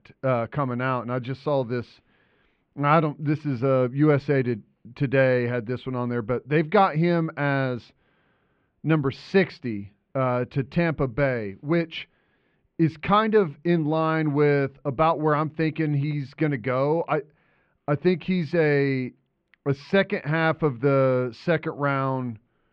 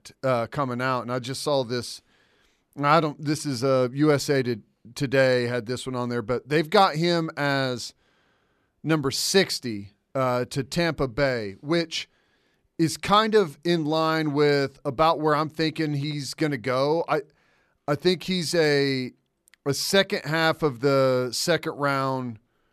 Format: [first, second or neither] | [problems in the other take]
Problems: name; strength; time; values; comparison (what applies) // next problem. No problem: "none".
second | muffled; very; fading above 2.5 kHz